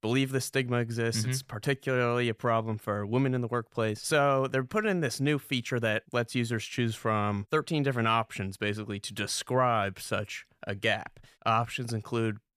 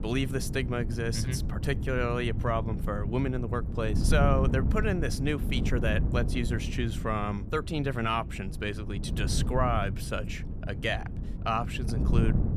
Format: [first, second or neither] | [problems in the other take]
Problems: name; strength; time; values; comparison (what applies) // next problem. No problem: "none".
first | wind noise on the microphone; occasional gusts; 10 dB below the speech